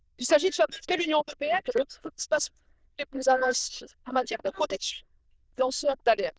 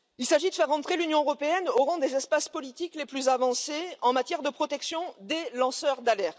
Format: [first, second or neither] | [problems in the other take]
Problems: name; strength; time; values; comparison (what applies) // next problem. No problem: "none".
second | noise reduction (neural diffusion model UNIVERSE++)